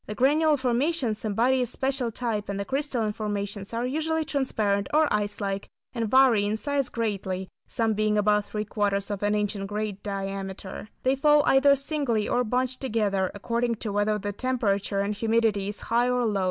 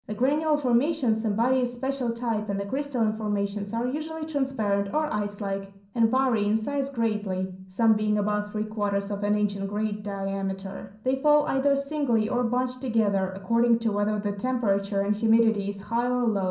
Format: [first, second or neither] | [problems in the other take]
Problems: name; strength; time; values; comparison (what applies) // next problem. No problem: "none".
first | room echo; dies away in 0.6 s